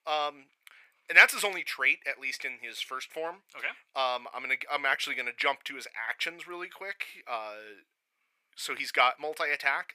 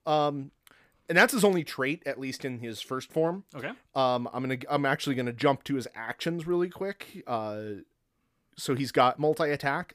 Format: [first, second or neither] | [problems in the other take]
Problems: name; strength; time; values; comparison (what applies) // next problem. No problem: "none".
second | thin; very; fading below 800 Hz